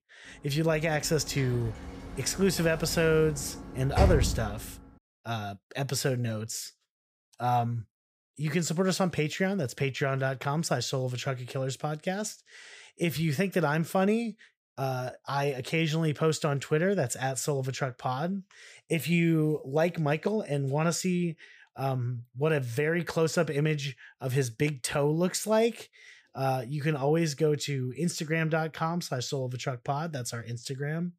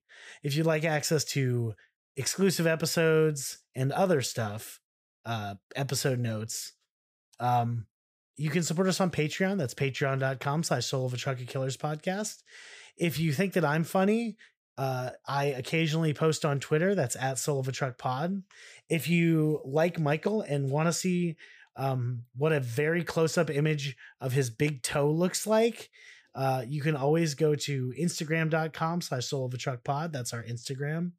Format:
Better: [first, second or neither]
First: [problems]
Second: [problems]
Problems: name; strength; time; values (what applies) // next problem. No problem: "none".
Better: second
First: door banging; loud; from 1.5 to 4.5 s; peak 3 dB above the speech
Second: none